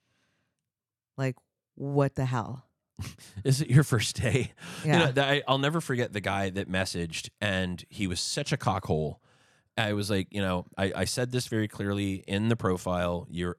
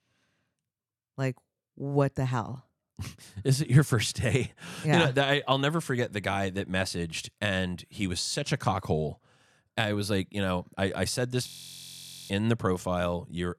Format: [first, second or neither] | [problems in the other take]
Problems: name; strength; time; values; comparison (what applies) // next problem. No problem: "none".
first | audio freezing; at 11 s for 1 s